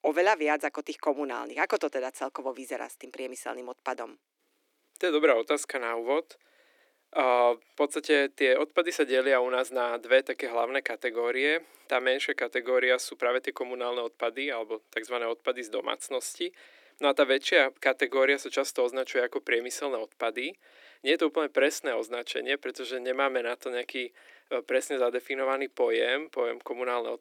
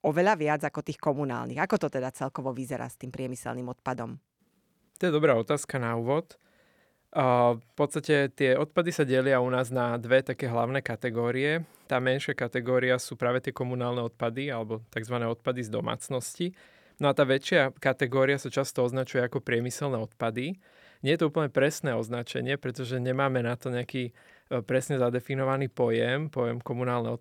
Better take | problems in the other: second | thin; somewhat; fading below 300 Hz

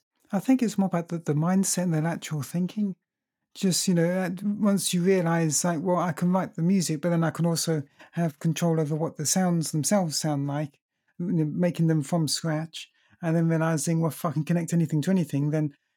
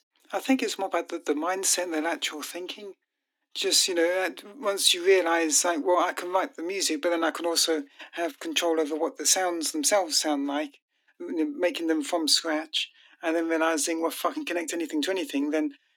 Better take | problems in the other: first | thin; somewhat; fading below 300 Hz

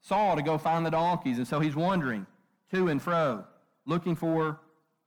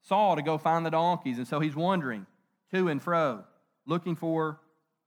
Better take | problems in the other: second | distortion; slight; 10 dB below the speech

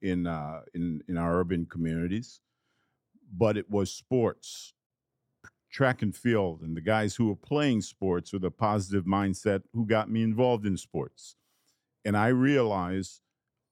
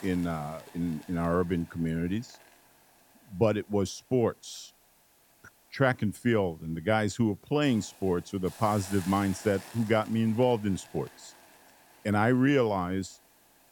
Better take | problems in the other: first | hiss; faint; throughout; 20 dB below the speech

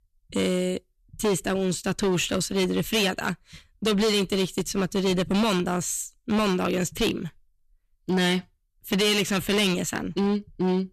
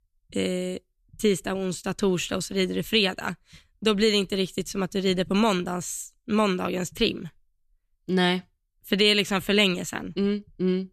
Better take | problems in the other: second | distortion; heavy; 13% of the sound clipped

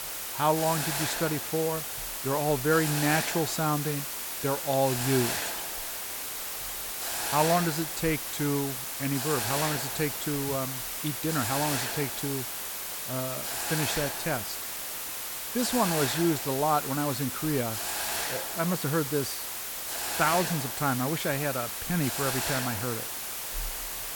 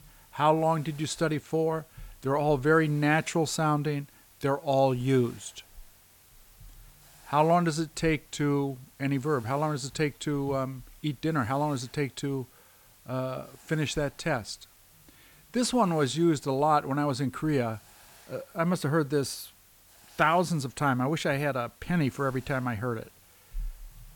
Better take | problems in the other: second | hiss; loud; throughout; 1 dB below the speech; faint in the second

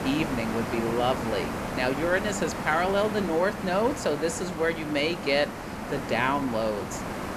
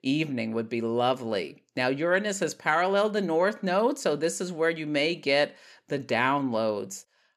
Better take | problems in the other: second | hiss; loud; throughout; 6 dB below the speech

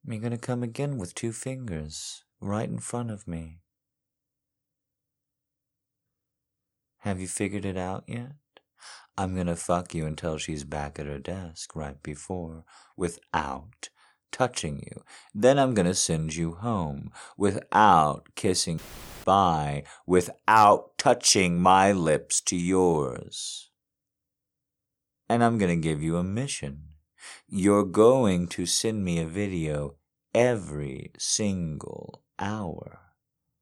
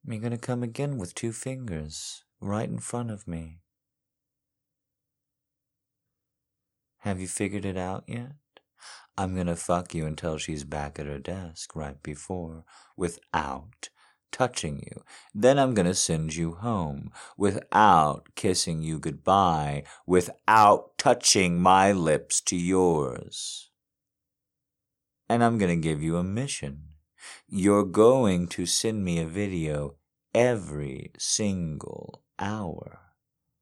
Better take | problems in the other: second | audio cutting out; filled with static; at 19 s

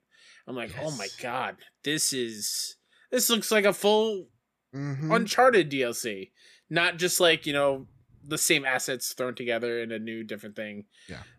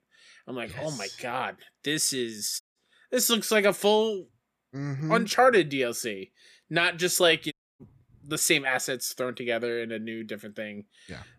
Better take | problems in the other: first | audio cutting out; at 2.5 s and at 7.5 s

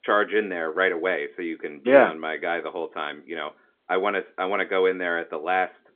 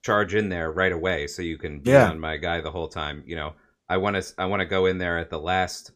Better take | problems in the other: second | phone-call audio; nothing above 3.5 kHz

